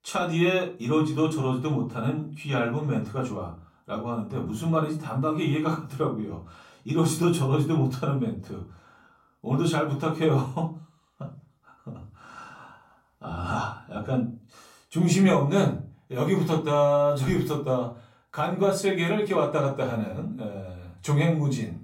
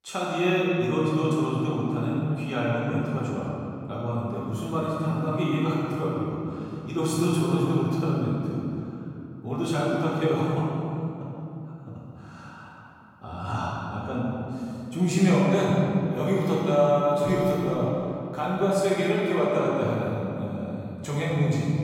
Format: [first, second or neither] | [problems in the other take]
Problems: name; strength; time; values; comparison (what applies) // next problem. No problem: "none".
first | room echo; strong; dies away in 2.7 s; slight in the first // off-mic speech; far; far in the first